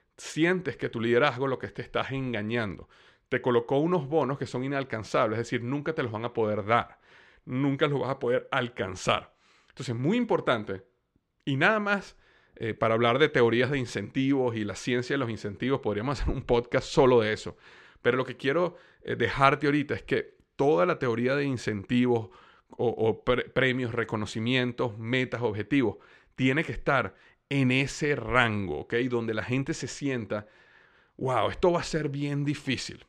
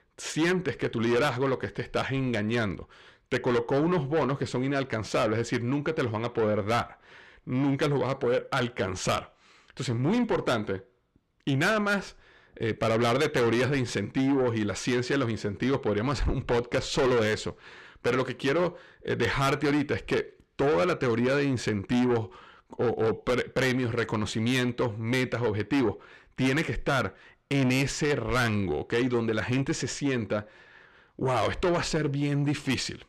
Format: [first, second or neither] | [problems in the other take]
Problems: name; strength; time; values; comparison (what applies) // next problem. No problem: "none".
first | distortion; heavy; 8 dB below the speech